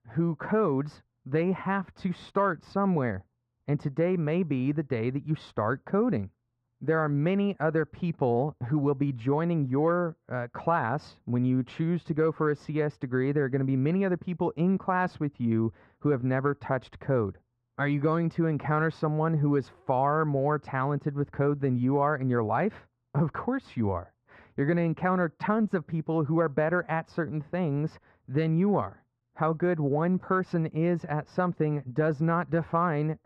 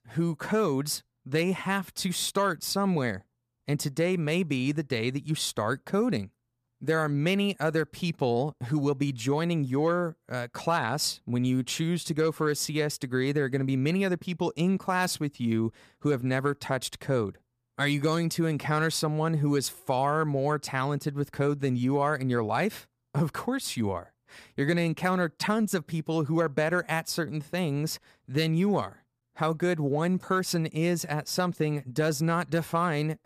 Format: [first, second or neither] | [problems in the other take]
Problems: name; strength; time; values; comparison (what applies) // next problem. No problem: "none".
second | muffled; very; fading above 1.5 kHz